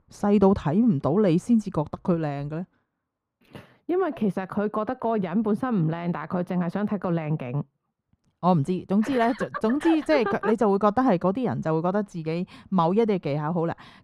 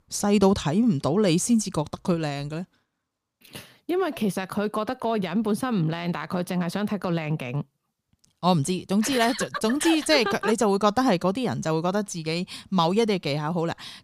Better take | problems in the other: second | muffled; very; fading above 2.5 kHz

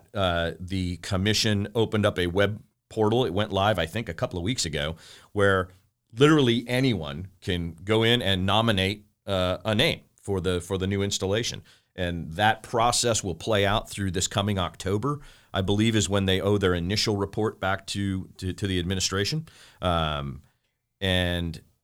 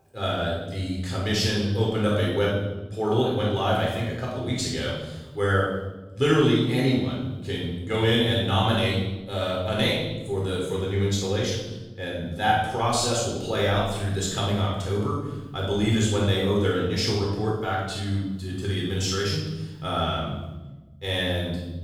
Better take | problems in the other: first | off-mic speech; far // room echo; strong; dies away in 1.1 s

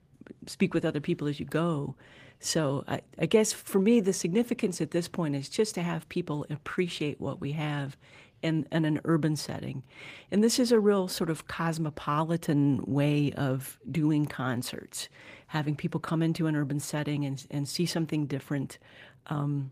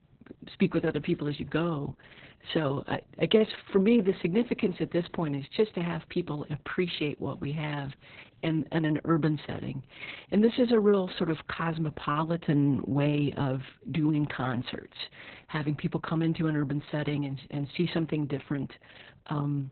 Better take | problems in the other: first | garbled, watery; badly; nothing above 4 kHz; slightly in the first

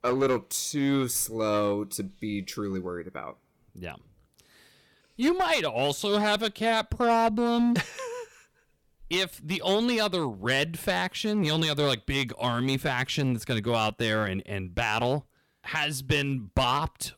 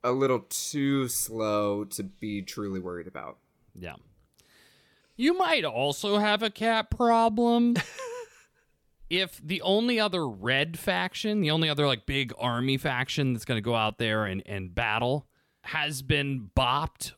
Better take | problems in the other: second | distortion; slight; 5% of the sound clipped

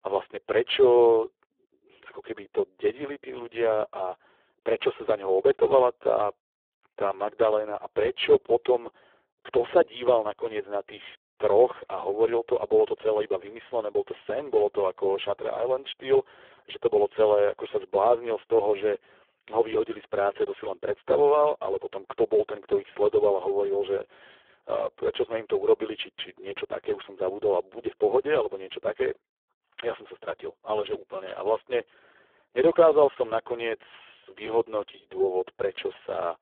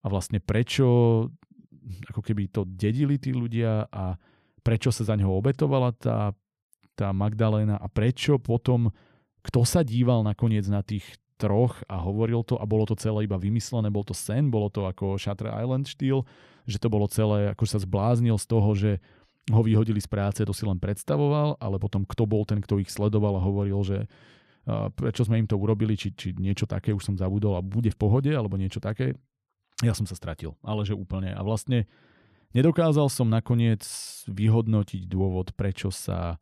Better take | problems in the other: second | phone-call audio; poor line

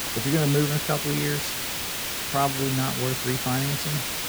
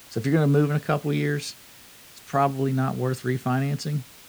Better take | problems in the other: second | hiss; loud; throughout; as loud as the speech; faint in the second

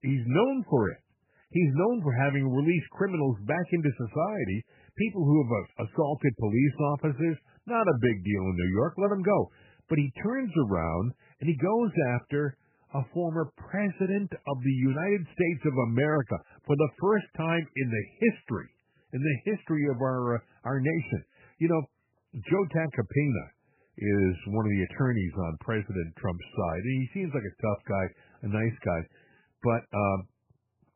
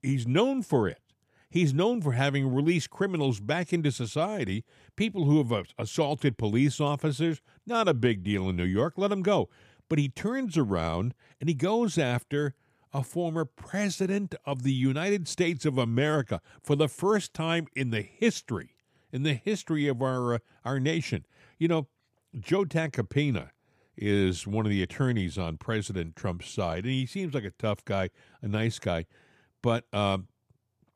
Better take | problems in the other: second | garbled, watery; badly; nothing above 3 kHz

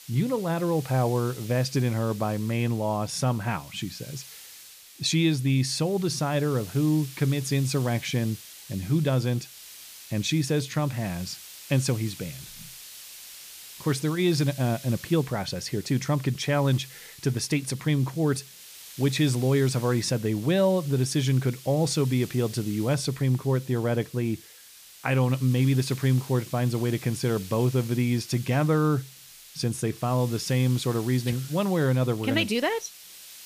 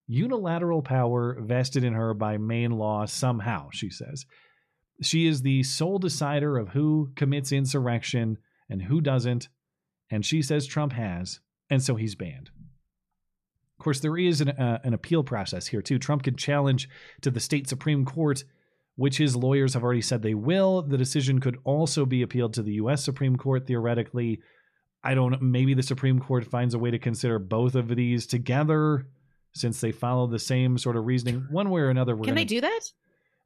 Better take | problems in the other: second | hiss; noticeable; throughout; 15 dB below the speech

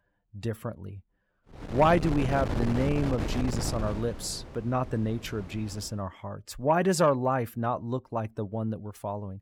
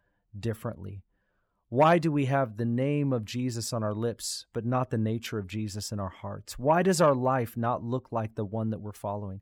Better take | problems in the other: second | wind noise on the microphone; heavy; from 1.5 to 6 s; 8 dB below the speech

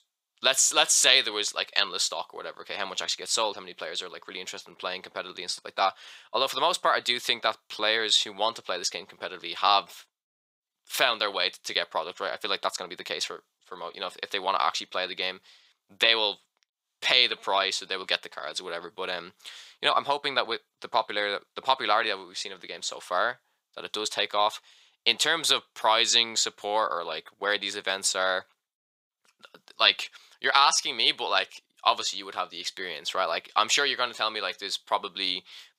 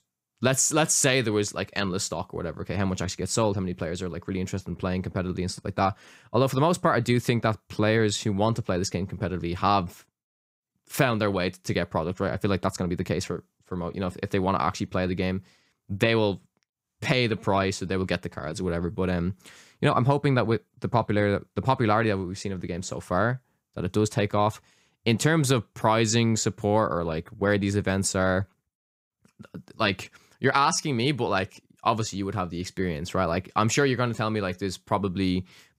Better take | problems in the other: second | thin; very; fading below 750 Hz

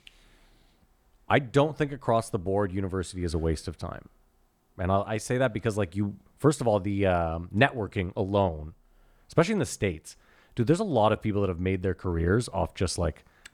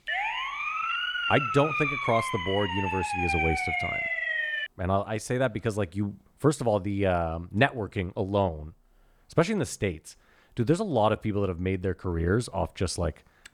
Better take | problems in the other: first | siren; loud; until 4.5 s; peak 2 dB above the speech

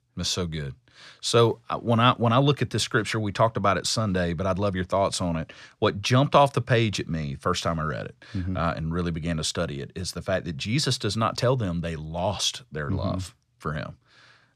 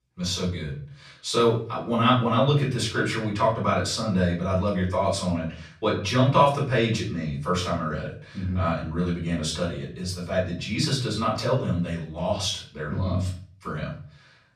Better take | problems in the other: first | off-mic speech; far // room echo; slight; dies away in 0.4 s

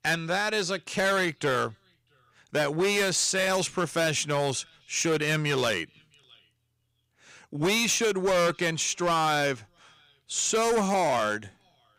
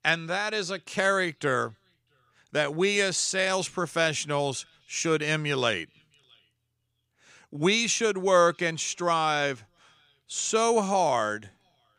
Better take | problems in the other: second | distortion; heavy; 11% of the sound clipped

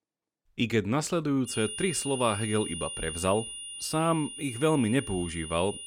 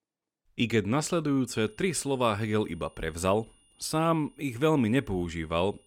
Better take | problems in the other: second | high-pitched whine; loud; from 1.5 s on; 9.5 kHz, 8 dB below the speech; faint in the second

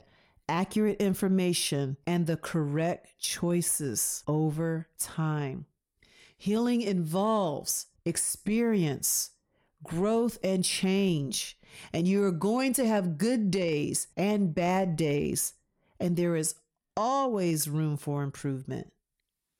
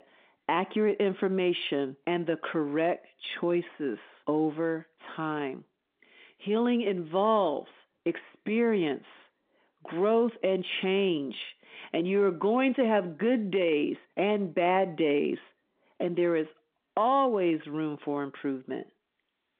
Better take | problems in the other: first | phone-call audio

